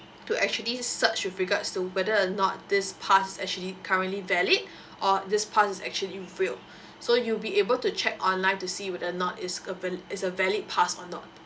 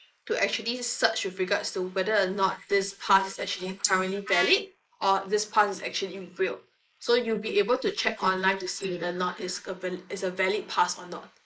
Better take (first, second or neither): first